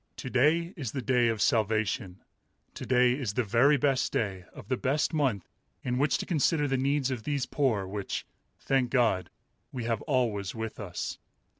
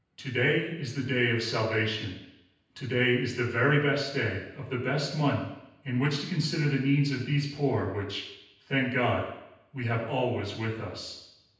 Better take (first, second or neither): first